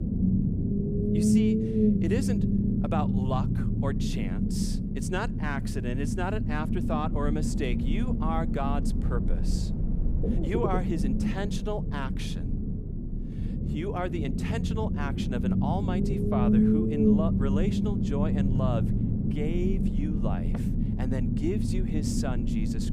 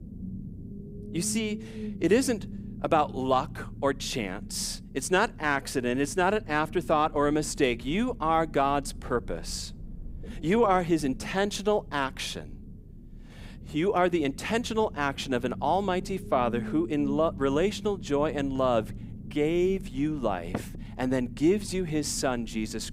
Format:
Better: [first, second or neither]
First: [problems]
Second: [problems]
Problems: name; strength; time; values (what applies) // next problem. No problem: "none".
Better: second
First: low rumble; loud; throughout; as loud as the speech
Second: low rumble; faint; throughout; 20 dB below the speech